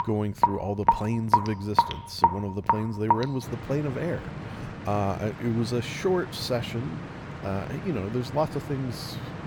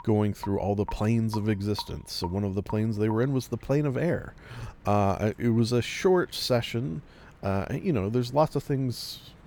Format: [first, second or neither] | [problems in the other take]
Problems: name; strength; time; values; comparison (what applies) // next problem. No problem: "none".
second | rain or running water; loud; throughout; as loud as the speech; faint in the second